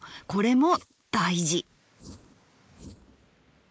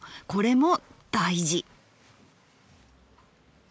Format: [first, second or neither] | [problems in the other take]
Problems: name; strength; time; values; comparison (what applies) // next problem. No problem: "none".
second | noise reduction (neural mask model Resemble Enhance denoiser)